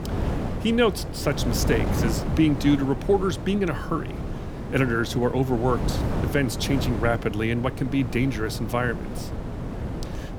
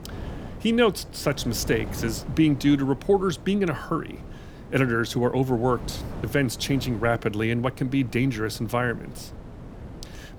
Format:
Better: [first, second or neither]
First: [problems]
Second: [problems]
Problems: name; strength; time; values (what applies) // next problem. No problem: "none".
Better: second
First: wind noise on the microphone; heavy; 8 dB below the speech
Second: wind noise on the microphone; occasional gusts; 20 dB below the speech